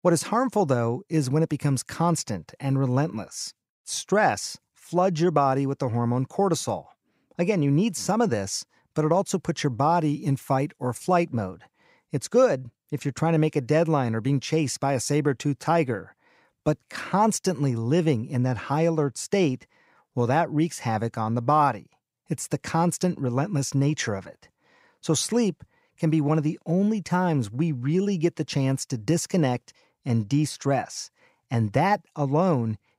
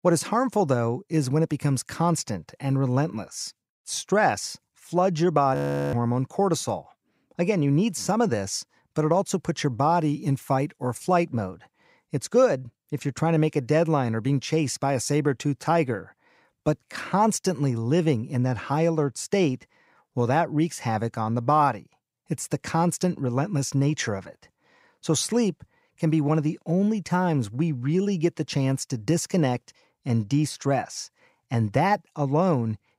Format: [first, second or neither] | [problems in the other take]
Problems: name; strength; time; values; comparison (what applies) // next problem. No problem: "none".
first | audio freezing; at 5.5 s